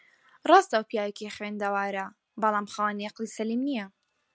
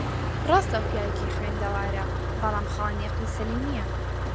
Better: first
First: none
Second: background sound (Motor vehicle (road)); 3 dB above the speech

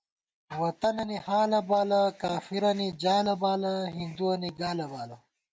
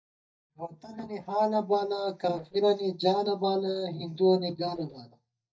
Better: first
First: none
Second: noise reduction (neural mask model DeepFilterNet 3)

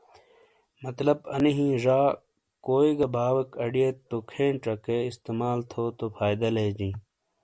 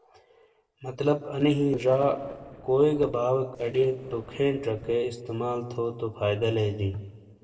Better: first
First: none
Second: noise reduction (neural separator model SepFormer DNS4)

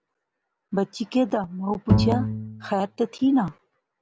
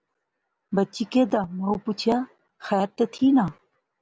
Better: second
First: background sound (Bowed string instrument); 1 dB above the speech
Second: none

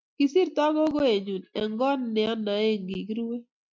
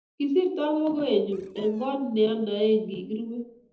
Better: first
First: none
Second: noise reduction (neural separator model SepFormer DNS4)

